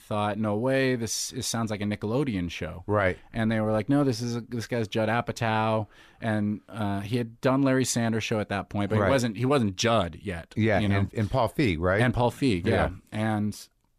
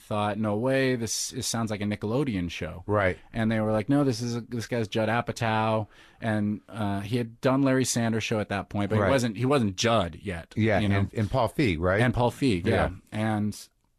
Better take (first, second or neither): first